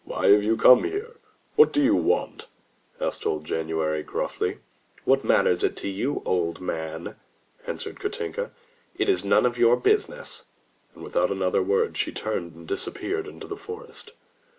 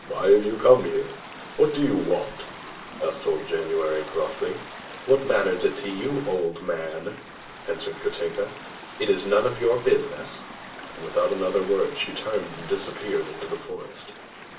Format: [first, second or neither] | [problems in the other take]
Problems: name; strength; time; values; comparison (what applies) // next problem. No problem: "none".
first | background sound (Stream / Ocean); 14 dB below the speech // room echo; dies away in 0.3 s